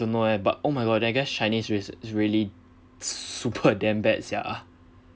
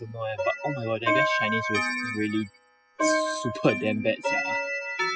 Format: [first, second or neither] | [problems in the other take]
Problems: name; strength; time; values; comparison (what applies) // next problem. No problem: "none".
first | noise reduction (classical method spectral subtraction)